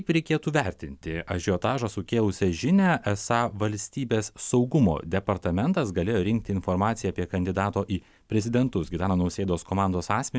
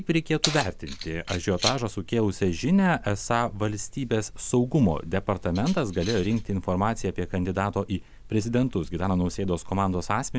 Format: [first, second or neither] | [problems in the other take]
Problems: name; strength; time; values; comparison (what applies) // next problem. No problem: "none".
first | background sound (Keys jangling); 11 dB below the speech